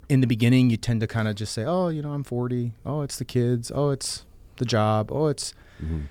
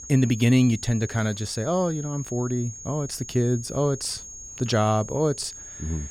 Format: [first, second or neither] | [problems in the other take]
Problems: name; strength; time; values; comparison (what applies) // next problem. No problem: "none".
first | high-pitched whine; noticeable; throughout; 6.5 kHz, 15 dB below the speech